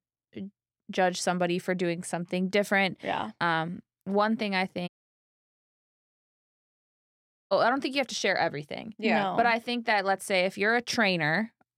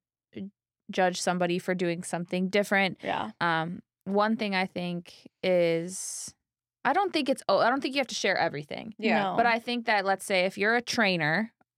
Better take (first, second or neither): second